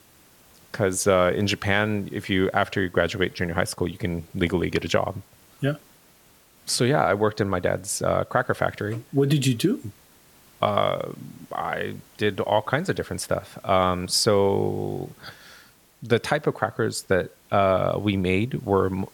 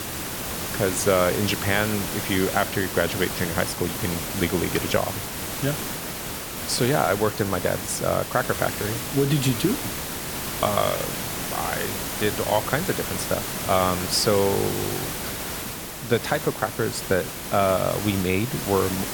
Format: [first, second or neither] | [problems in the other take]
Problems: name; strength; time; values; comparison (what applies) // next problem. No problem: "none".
first | hiss; loud; throughout; 4 dB below the speech; faint in the first